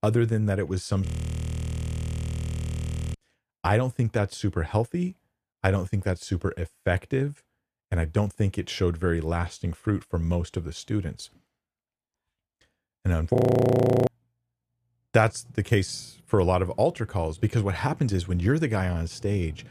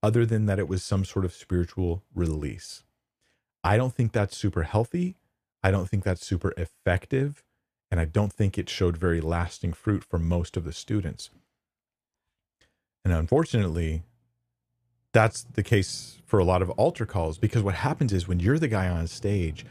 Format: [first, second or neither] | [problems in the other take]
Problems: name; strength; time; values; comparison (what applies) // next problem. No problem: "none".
second | audio freezing; at 1 s for 2 s and at 13 s for 0.5 s